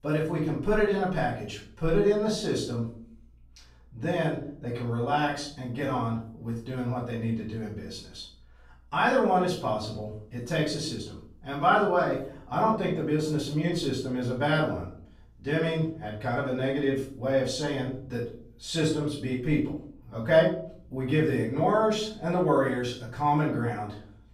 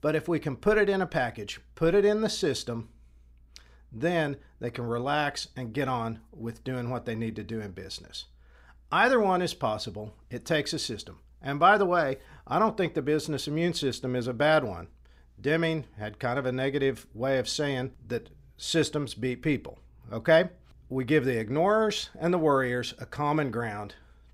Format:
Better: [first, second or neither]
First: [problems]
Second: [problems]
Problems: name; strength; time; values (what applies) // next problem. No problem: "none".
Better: second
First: off-mic speech; far // room echo; noticeable; dies away in 0.5 s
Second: none